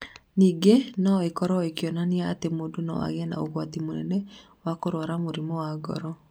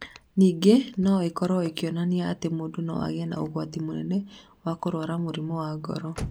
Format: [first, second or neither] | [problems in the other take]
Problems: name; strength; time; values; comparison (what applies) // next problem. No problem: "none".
first | background sound (Slam / Car); 20 dB below the speech